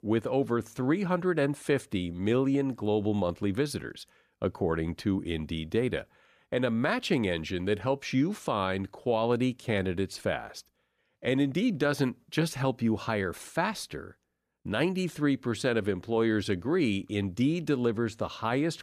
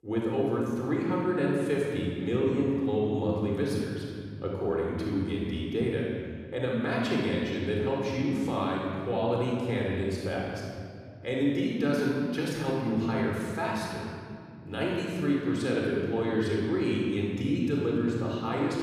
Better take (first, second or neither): first